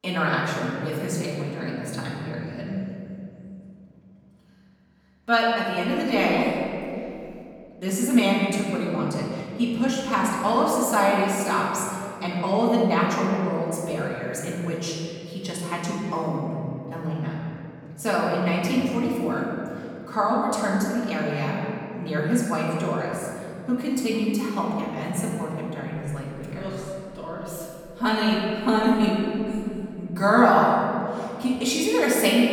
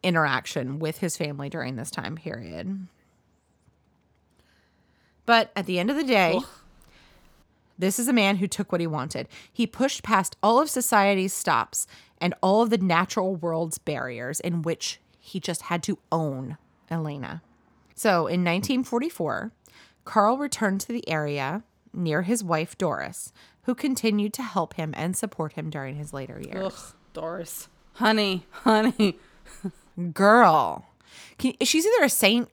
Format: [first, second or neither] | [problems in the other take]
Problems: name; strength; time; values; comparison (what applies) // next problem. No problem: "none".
second | off-mic speech; far // room echo; noticeable; dies away in 2.5 s